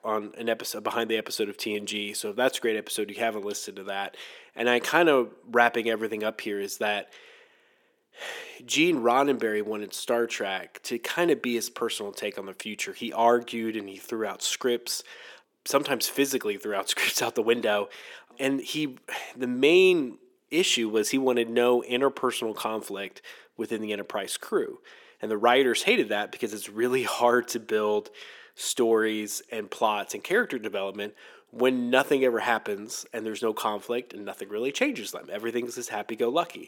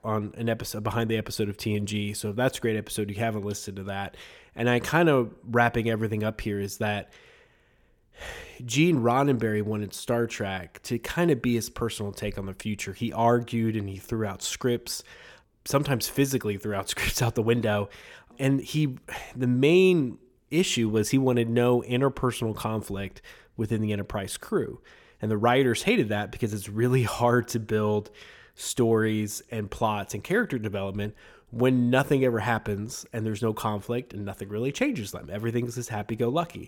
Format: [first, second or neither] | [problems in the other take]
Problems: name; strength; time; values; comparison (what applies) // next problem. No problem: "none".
second | thin; somewhat; fading below 300 Hz